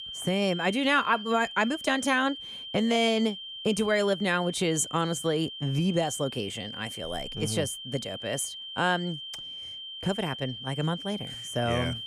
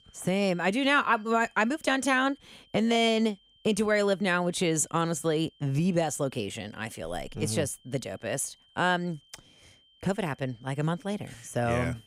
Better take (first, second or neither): second